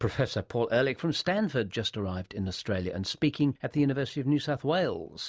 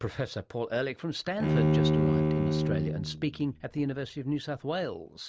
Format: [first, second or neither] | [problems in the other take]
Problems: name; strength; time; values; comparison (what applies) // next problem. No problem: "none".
first | background sound (Bowed string instrument); 5 dB above the speech